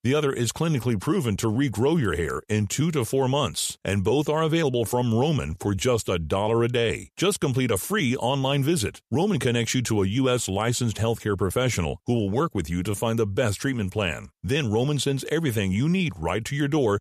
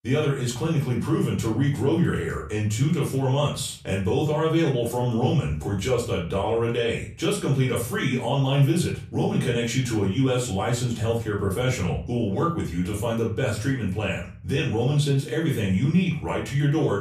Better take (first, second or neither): first